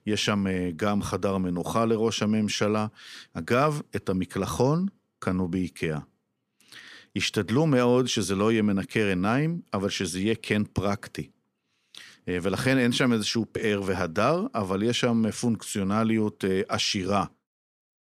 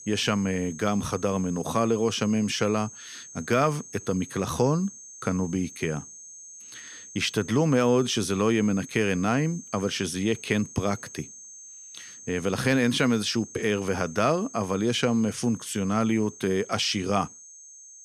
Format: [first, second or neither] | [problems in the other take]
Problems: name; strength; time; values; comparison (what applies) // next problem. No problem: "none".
first | high-pitched whine; noticeable; throughout; 6.5 kHz, 15 dB below the speech